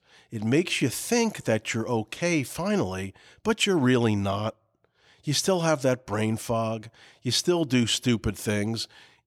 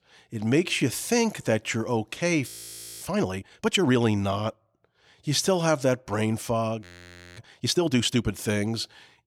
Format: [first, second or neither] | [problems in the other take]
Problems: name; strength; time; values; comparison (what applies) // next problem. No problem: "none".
first | audio freezing; at 2.5 s for 0.5 s and at 7 s for 0.5 s